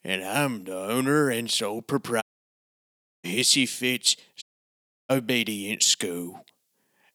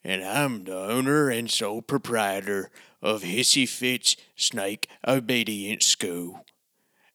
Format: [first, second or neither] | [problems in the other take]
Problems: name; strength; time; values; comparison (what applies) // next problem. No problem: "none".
second | audio cutting out; at 2 s for 1 s and at 4.5 s for 0.5 s